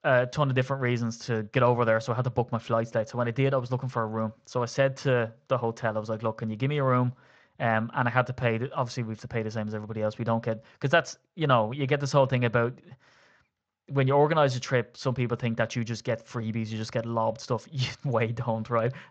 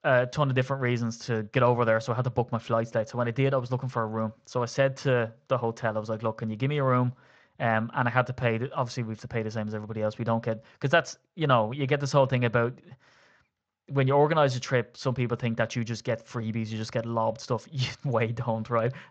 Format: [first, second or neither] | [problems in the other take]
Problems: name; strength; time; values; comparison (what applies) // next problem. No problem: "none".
neither | garbled, watery; slightly; the same in both